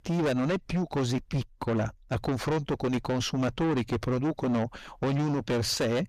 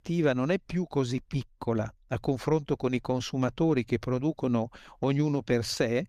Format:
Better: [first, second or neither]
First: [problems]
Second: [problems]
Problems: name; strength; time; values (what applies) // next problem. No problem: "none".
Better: second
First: distortion; heavy; 7 dB below the speech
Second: none